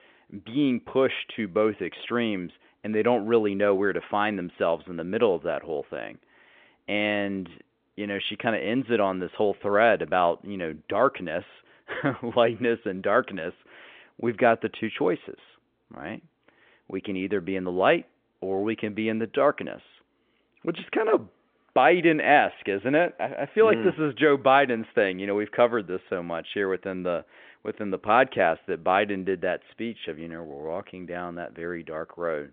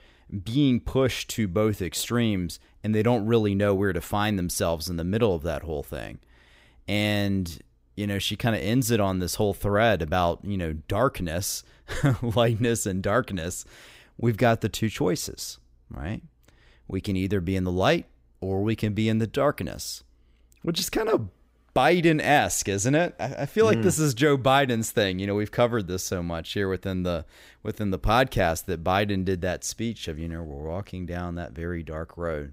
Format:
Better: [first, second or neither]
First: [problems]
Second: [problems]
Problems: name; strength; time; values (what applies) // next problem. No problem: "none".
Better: second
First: phone-call audio; nothing above 3.5 kHz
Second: none